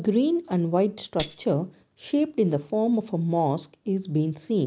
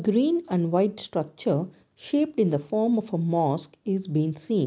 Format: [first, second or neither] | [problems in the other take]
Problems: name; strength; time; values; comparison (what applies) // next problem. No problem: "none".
second | background sound (Tambourine); 12 dB below the speech